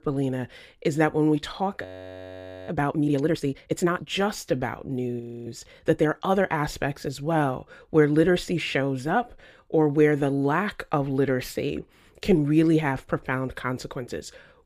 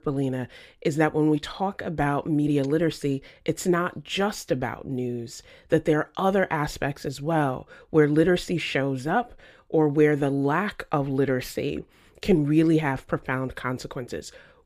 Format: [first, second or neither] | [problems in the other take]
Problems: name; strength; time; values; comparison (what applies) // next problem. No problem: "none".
second | audio freezing; at 2 s for 1 s and at 5 s